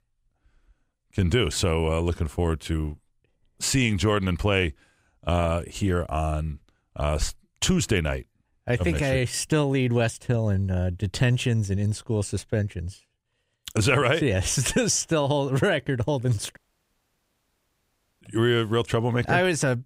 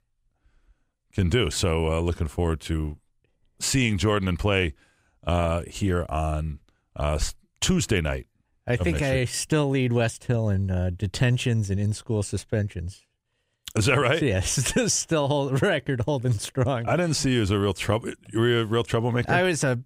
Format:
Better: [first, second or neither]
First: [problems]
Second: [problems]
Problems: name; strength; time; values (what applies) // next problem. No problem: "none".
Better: second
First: audio cutting out; at 17 s for 1.5 s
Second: none